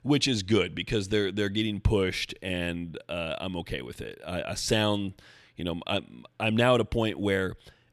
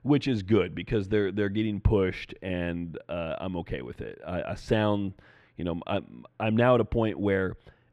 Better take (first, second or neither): first